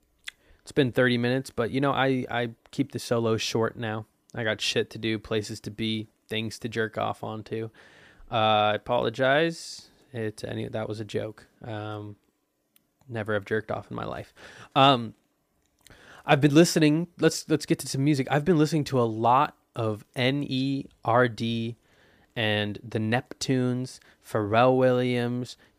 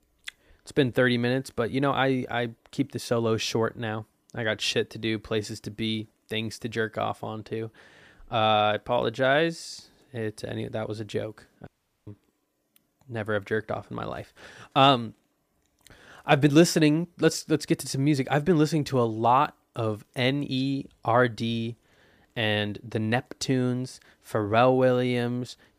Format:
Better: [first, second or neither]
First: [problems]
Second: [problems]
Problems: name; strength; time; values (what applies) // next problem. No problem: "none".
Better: first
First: none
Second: audio cutting out; at 12 s